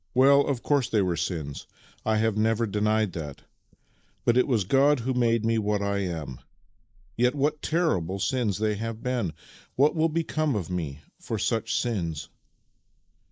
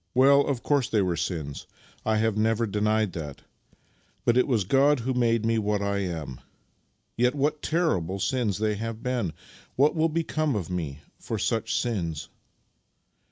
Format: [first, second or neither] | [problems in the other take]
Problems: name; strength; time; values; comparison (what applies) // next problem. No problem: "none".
second | noise reduction (neural mask model Resemble Enhance denoiser)